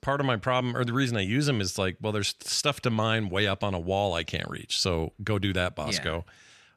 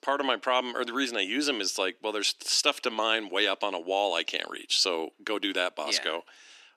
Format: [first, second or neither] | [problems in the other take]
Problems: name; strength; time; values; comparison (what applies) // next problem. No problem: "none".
first | thin; somewhat; fading below 300 Hz